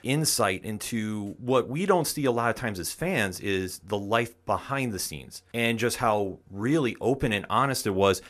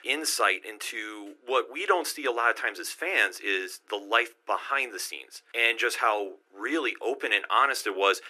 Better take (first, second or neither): first